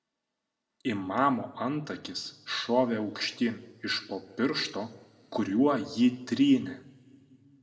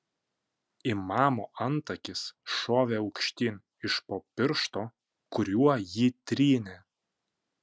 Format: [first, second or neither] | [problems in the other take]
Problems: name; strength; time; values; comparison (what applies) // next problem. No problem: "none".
second | room echo; dies away in 1.2 s